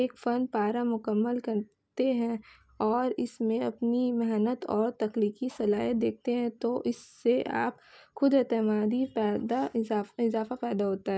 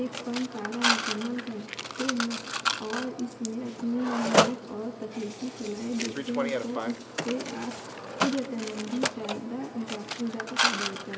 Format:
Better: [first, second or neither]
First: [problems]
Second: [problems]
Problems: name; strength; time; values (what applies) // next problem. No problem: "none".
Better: first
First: none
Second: background sound (Mechanisms); 2 dB above the speech // room echo; dies away in 2.3 s